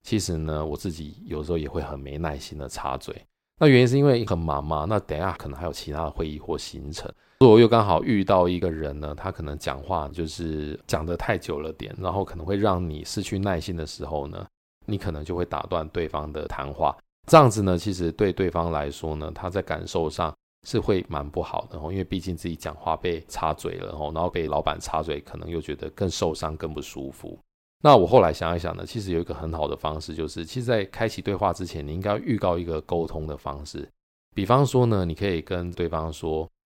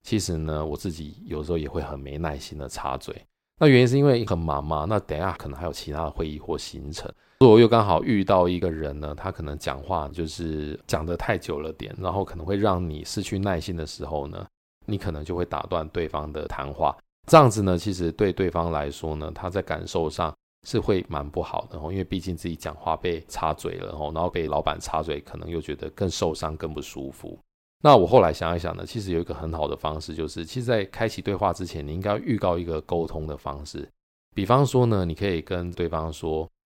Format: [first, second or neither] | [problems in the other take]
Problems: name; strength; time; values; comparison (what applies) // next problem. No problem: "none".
neither | none